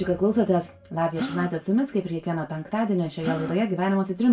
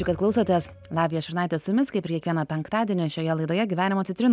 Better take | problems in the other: second | background sound (Gasp); 13 dB below the speech // room echo; dies away in 0.2 s

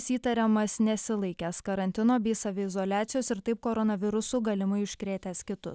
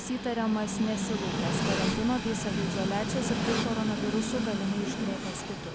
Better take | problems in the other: first | background sound (Train); as loud as the speech

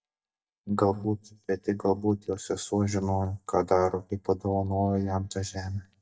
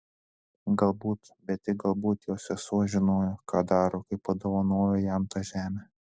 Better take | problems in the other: second | noise reduction (neural mask model DeepFilterNet 3)

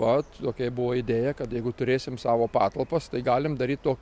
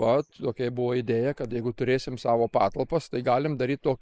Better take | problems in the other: first | noise reduction (neural mask model Resemble Enhance denoiser)

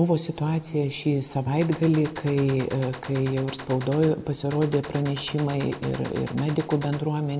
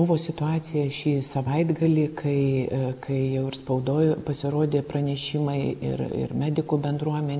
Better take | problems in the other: second | background sound (Gunshot, gunfire); 15 dB below the speech

